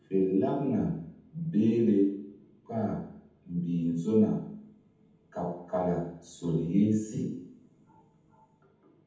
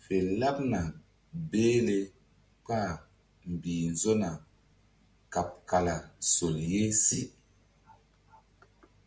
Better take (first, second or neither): second